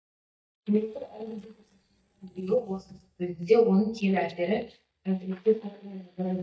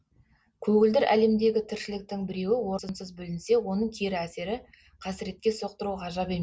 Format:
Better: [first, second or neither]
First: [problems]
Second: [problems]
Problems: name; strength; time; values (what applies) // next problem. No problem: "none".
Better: second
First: noise reduction (neural mask model DeepFilterNet 3)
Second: none